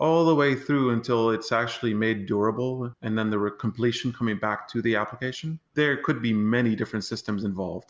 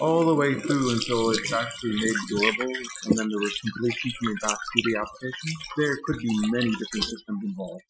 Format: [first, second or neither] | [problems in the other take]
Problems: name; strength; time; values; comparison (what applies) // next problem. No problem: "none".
first | noise reduction (classical method Wiener filter)